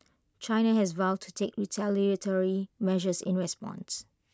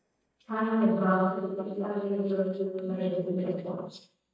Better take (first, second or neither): first